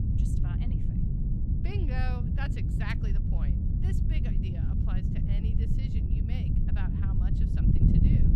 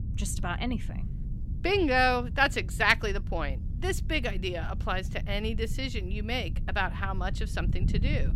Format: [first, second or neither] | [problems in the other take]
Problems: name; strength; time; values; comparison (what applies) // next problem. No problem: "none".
second | wind noise on the microphone; heavy; 3 dB above the speech; occasional gusts in the second